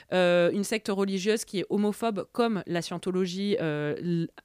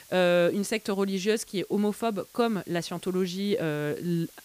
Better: first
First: none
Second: hiss; faint; throughout; 25 dB below the speech

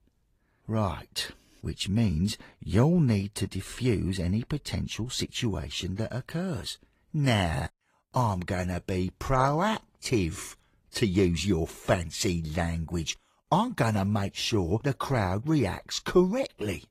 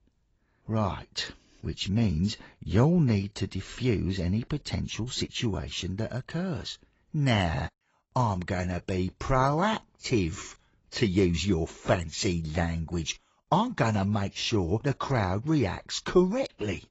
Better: first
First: garbled, watery; slightly; nothing above 14.5 kHz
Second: garbled, watery; badly; nothing above 7.5 kHz

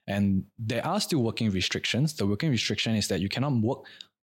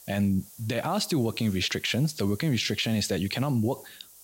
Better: first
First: none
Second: hiss; noticeable; throughout; 20 dB below the speech

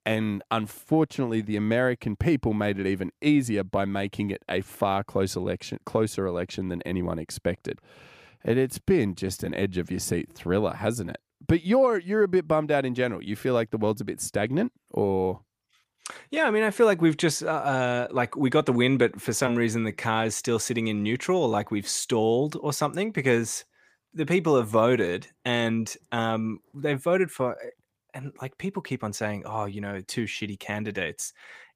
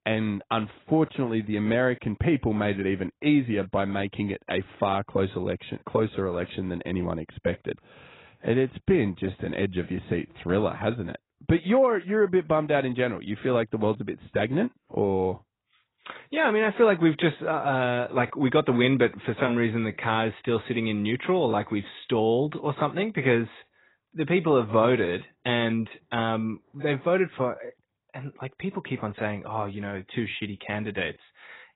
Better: first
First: none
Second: garbled, watery; badly; nothing above 4 kHz

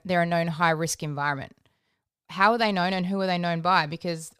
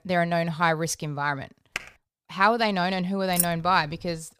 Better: first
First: none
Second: keyboard typing; faint; at 2 s; peak 10 dB below the speech // jangling keys; noticeable; at 3.5 s; peak 1 dB below the speech

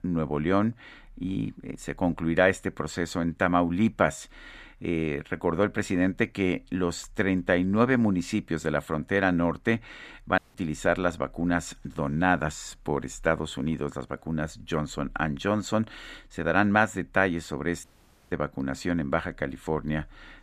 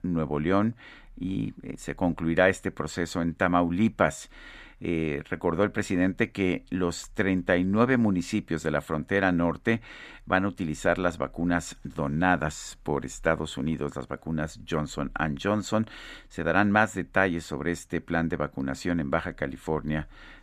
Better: second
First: audio cutting out; at 10 s and at 18 s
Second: none

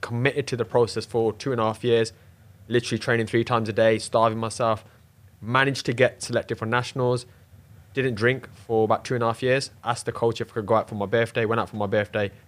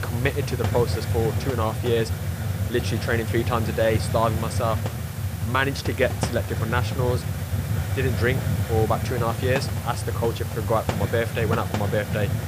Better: first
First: hiss; faint; throughout; 30 dB below the speech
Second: hiss; loud; throughout; 1 dB below the speech

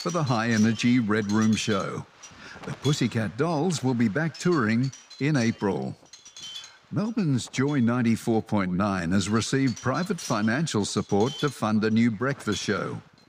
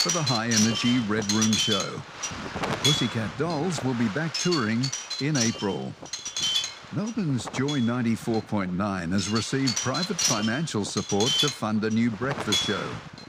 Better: first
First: wind noise on the microphone; occasional gusts; 15 dB below the speech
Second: wind noise on the microphone; heavy; 3 dB above the speech

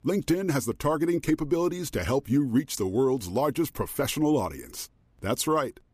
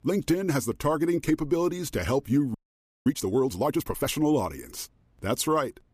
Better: first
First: none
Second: audio freezing; at 2.5 s for 0.5 s

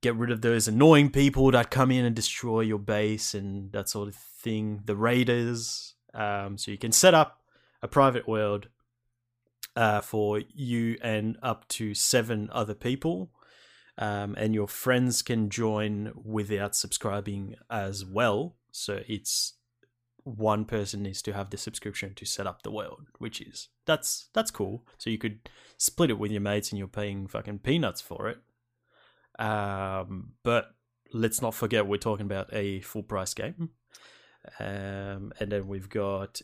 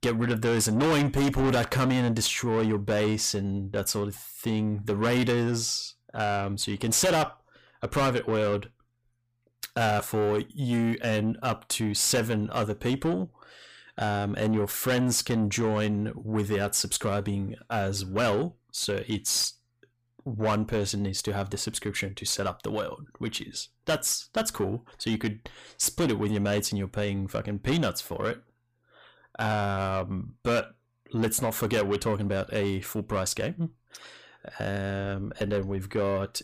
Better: first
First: none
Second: distortion; heavy; 5 dB below the speech

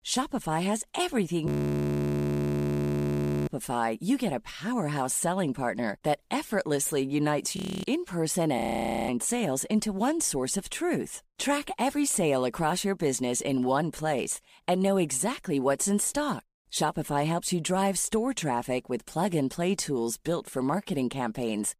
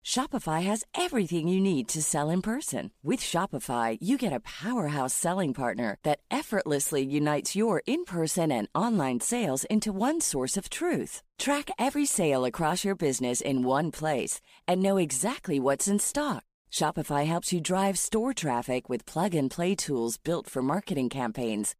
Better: second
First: audio freezing; at 1.5 s for 2 s, at 7.5 s and at 8.5 s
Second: none

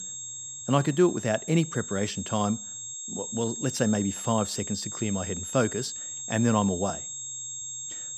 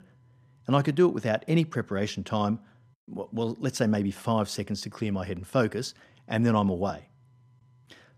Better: second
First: high-pitched whine; loud; throughout; 7.5 kHz, 7 dB below the speech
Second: none

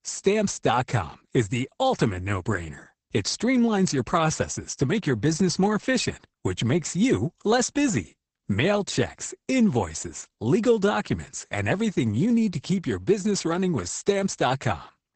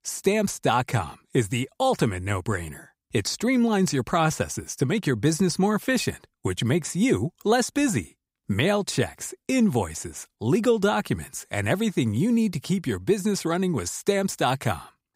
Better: second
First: garbled, watery; badly; nothing above 8 kHz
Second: none

